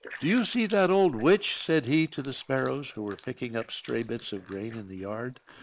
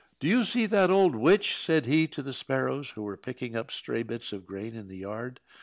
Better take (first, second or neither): second